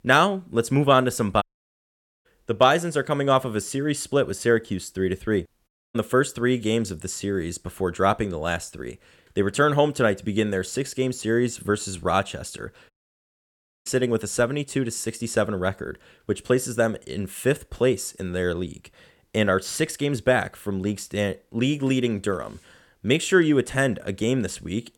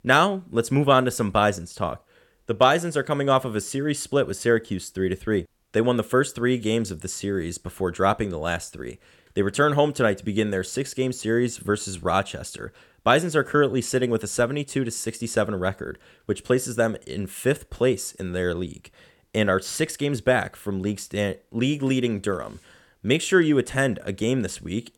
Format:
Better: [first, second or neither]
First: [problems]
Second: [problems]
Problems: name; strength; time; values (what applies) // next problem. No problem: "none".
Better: second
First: audio cutting out; at 1.5 s for 1 s, at 5.5 s and at 13 s for 1 s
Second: none